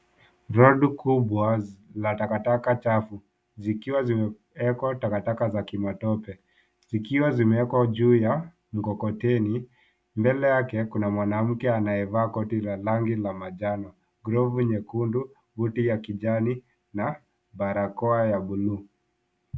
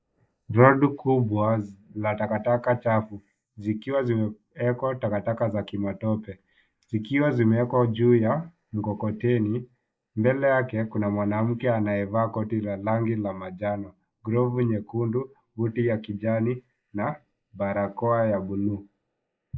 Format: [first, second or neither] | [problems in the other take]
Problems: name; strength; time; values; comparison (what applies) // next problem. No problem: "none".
first | noise reduction (neural mask model Resemble Enhance denoiser)